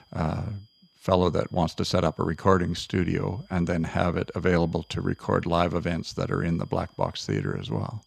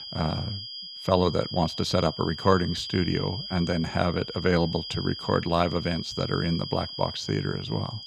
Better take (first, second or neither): first